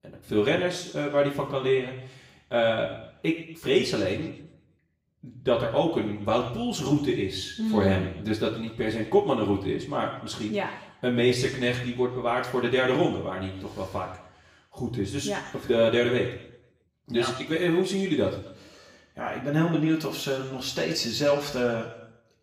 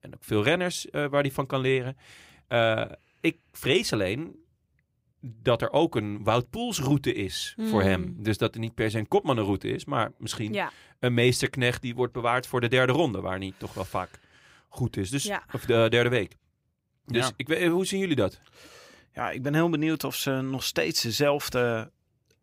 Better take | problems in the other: second | room echo; noticeable; dies away in 0.8 s // off-mic speech; far

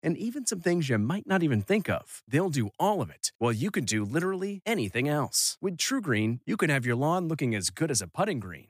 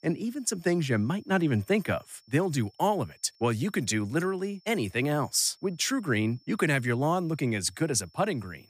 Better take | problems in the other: first | high-pitched whine; faint; throughout; 5.5 kHz, 30 dB below the speech

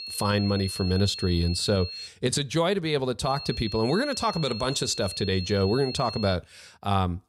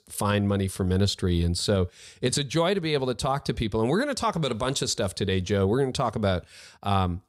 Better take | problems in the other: second | high-pitched whine; loud; until 2 s and from 3.5 to 6.5 s; 4.5 kHz, 9 dB below the speech

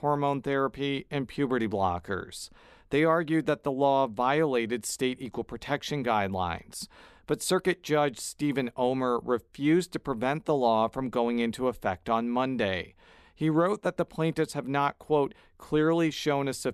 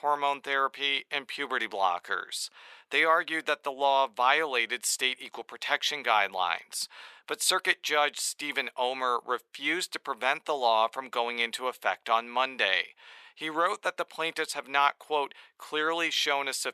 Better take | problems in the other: first | thin; very; fading below 850 Hz

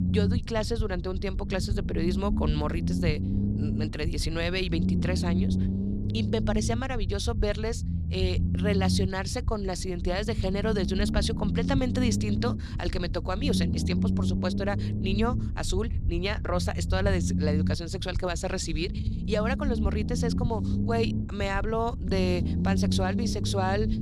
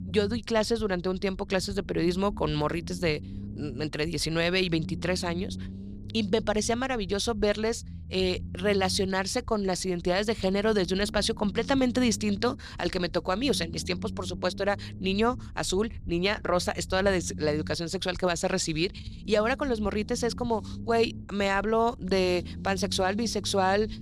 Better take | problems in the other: second | low rumble; loud; throughout; 7 dB below the speech; faint in the second

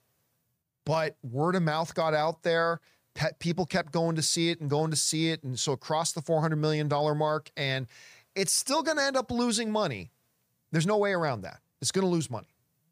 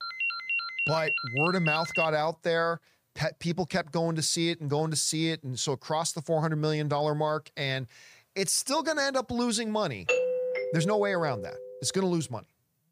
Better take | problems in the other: first | phone ringing; loud; until 2 s; peak 1 dB above the speech // doorbell; loud; from 10 to 12 s; peak 2 dB above the speech

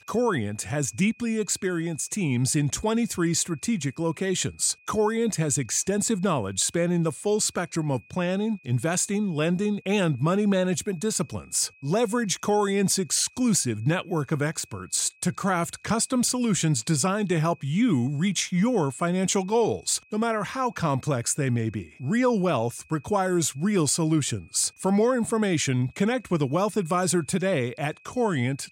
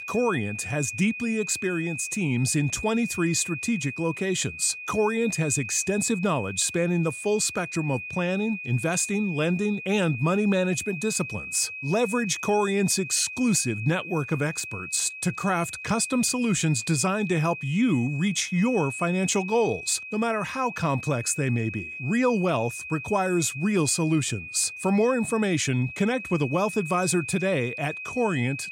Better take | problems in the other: first | high-pitched whine; loud; throughout; 2.5 kHz, 9 dB below the speech; faint in the first

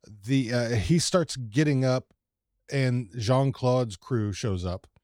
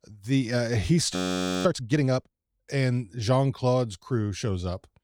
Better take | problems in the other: first | audio freezing; at 1 s for 0.5 s

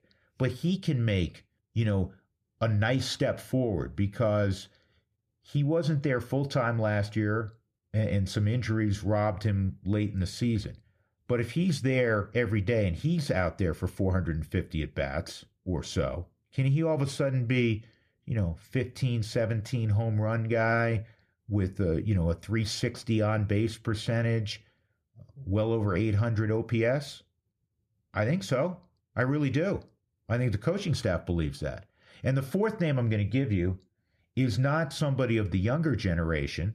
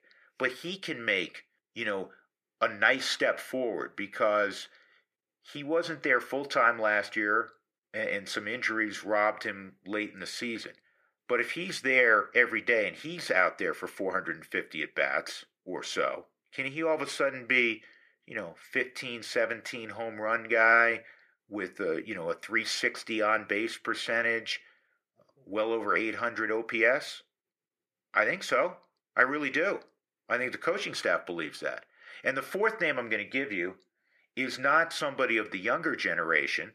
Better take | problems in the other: first | thin; very; fading below 350 Hz

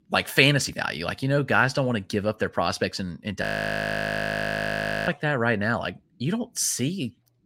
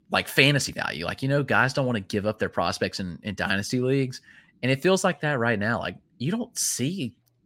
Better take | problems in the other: second | audio freezing; at 3.5 s for 1.5 s

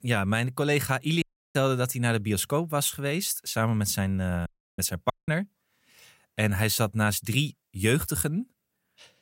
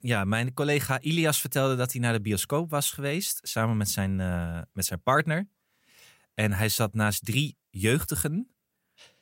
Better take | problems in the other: second | audio cutting out; at 1 s, at 4.5 s and at 5 s

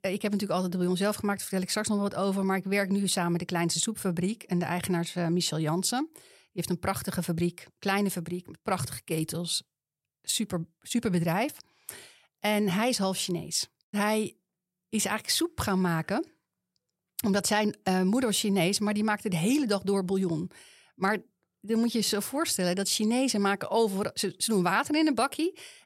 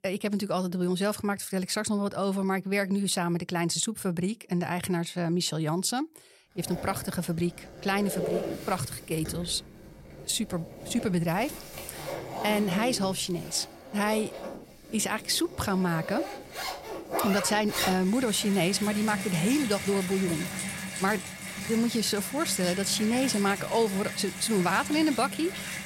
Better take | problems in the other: first | household noises; loud; from 6.5 s on; 7 dB below the speech

